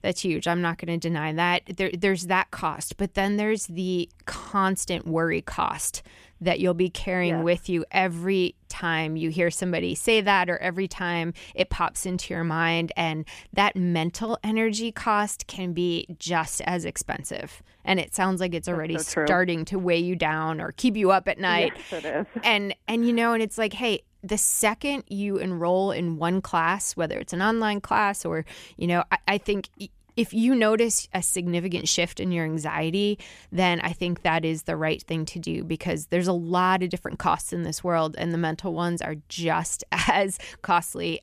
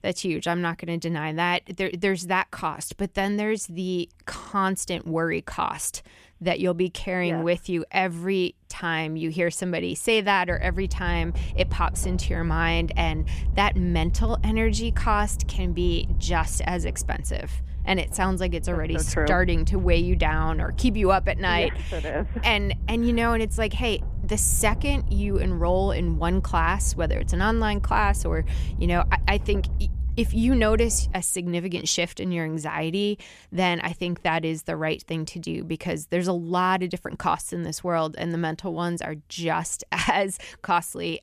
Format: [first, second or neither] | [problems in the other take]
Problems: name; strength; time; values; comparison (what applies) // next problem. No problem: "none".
first | low rumble; faint; from 10 to 31 s; 20 dB below the speech